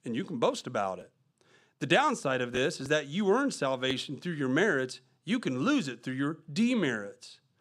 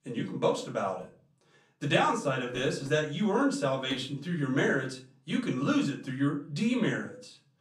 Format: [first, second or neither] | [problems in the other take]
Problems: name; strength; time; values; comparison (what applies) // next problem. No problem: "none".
first | room echo; slight; dies away in 0.3 s // off-mic speech; far